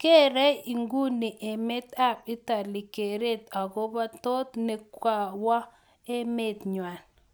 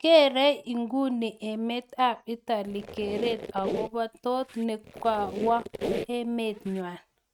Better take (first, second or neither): first